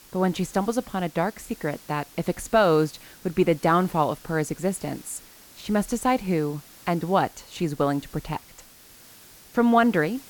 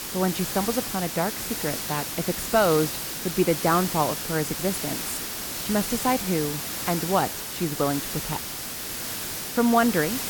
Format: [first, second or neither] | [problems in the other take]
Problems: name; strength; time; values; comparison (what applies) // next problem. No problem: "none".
first | hiss; loud; throughout; 3 dB below the speech; faint in the first